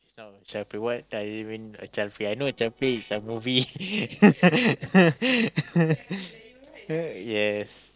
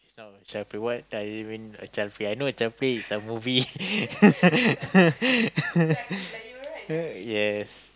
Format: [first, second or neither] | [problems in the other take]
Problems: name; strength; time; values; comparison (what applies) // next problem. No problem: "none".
second | noise reduction (neural separator model SepFormer DNS4)